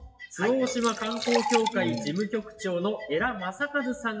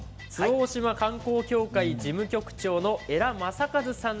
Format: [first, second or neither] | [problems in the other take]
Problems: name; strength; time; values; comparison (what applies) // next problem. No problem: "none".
second | noise reduction (classical method WPE with log-MMSE)